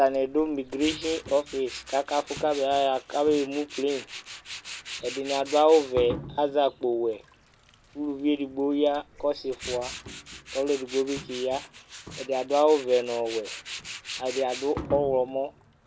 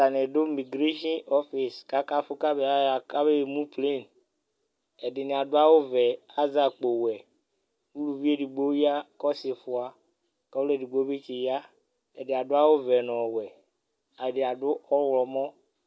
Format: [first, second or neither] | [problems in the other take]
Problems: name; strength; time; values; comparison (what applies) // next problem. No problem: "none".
second | background sound (Tools); 14 dB below the speech